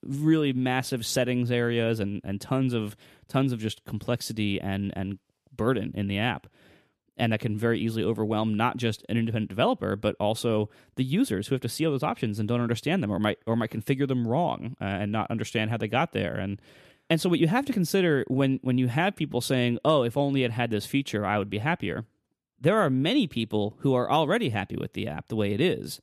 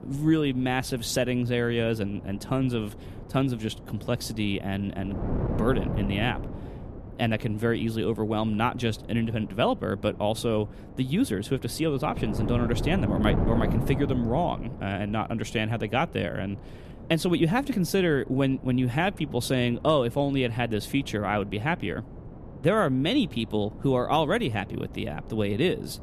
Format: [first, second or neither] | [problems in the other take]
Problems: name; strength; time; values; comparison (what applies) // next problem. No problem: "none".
first | wind noise on the microphone; occasional gusts; 15 dB below the speech